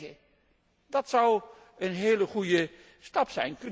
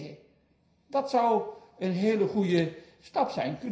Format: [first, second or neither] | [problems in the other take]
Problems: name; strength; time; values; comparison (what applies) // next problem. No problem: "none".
first | room echo; dies away in 0.5 s